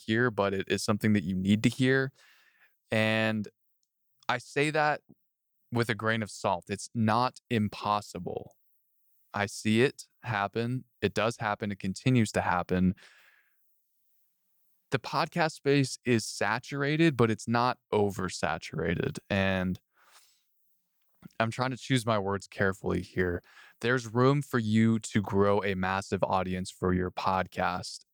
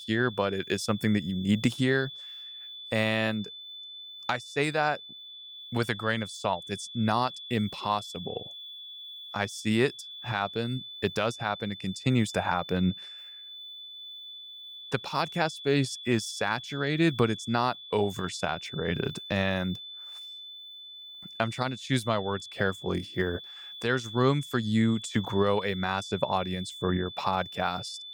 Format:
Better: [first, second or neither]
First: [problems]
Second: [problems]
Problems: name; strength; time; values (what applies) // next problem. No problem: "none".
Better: first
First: none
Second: high-pitched whine; noticeable; throughout; 3.5 kHz, 10 dB below the speech